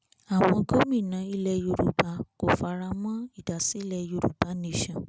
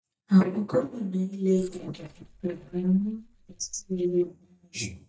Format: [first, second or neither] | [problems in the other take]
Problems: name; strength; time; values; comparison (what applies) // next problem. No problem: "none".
first | noise reduction (neural mask model DeepFilterNet 3)